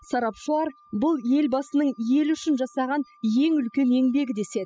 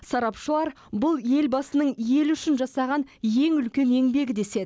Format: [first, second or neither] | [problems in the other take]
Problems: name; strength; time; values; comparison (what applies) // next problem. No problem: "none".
second | noise reduction (classical method spectral subtraction)